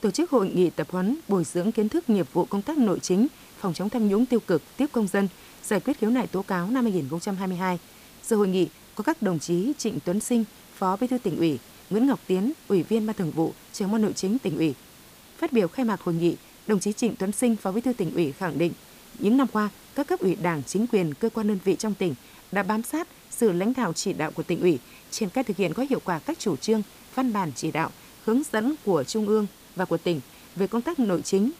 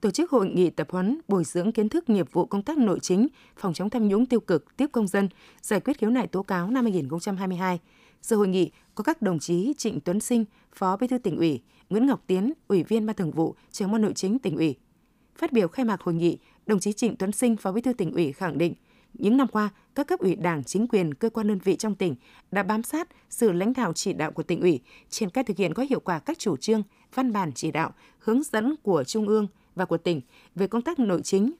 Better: second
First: hiss; faint; throughout; 20 dB below the speech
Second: none

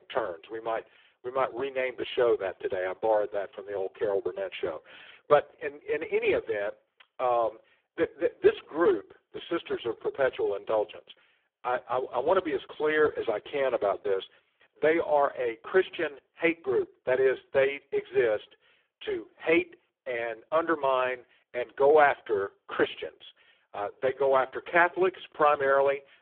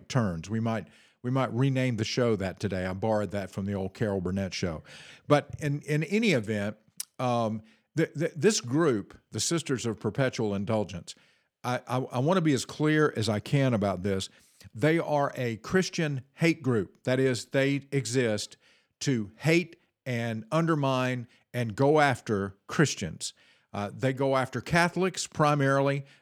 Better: second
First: phone-call audio; poor line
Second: none

